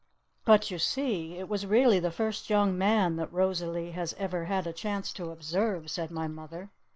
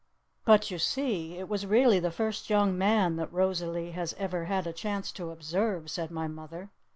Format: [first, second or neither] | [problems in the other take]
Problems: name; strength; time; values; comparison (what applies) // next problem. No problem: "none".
second | noise reduction (neural mask model Resemble Enhance denoiser)